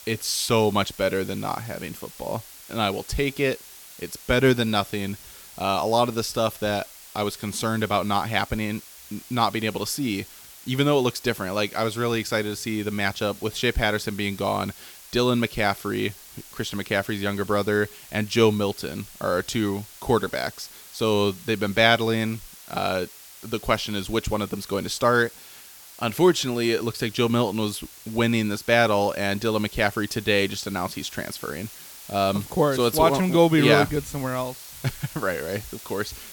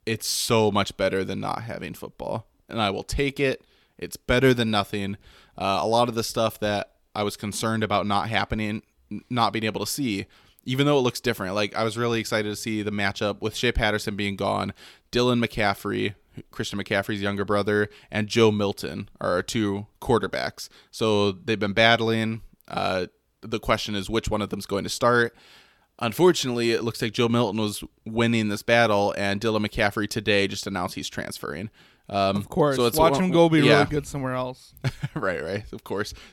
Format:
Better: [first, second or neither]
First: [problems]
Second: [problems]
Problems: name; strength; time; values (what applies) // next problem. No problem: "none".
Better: second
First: hiss; noticeable; throughout; 15 dB below the speech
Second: none